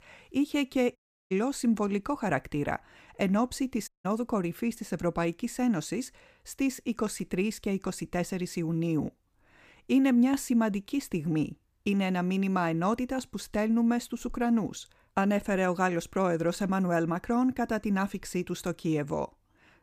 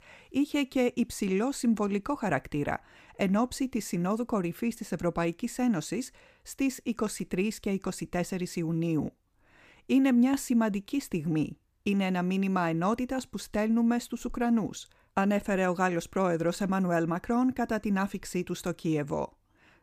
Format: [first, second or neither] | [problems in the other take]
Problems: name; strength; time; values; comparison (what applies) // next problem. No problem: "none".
second | audio cutting out; at 1 s and at 4 s